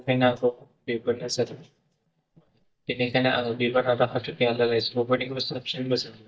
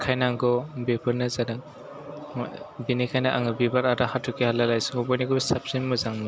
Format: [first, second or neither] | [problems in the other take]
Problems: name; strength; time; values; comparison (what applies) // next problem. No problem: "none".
second | noise reduction (neural mask model DeepFilterNet 3)